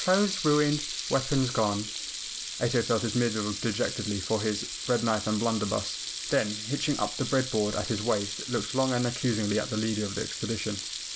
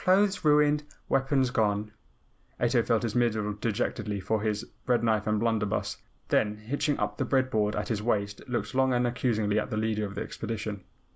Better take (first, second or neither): second